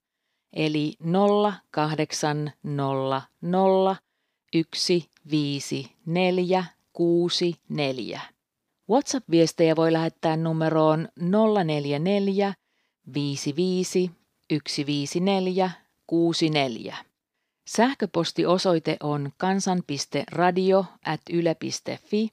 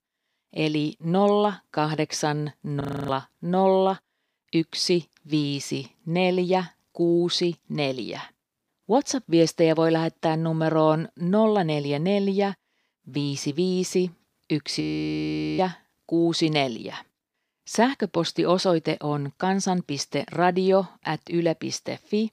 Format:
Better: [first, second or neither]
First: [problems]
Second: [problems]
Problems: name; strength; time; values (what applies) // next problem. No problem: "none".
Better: first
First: none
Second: audio freezing; at 3 s and at 15 s for 1 s